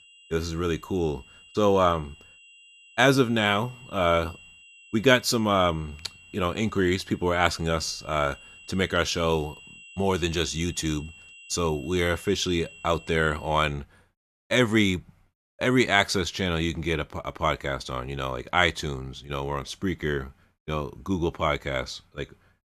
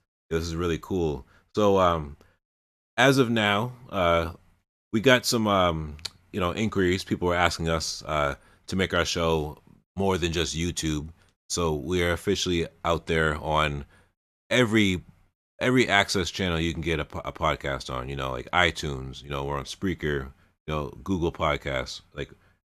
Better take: second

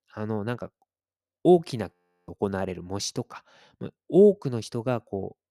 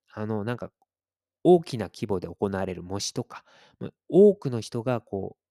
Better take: second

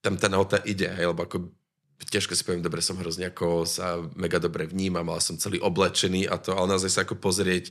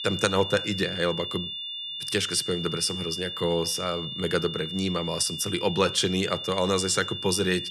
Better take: first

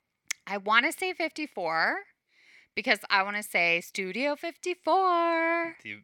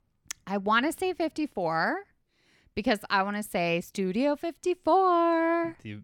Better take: second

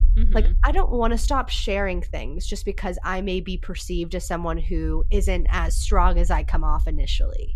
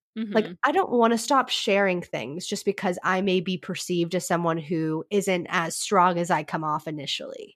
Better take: second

